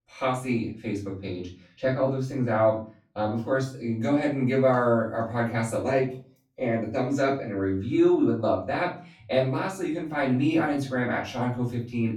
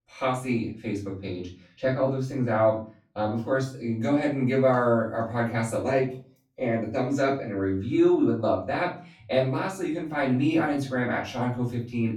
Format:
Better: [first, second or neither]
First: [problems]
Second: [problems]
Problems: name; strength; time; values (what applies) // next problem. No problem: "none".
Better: neither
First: off-mic speech; far // room echo; slight; dies away in 0.3 s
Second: off-mic speech; far // room echo; slight; dies away in 0.3 s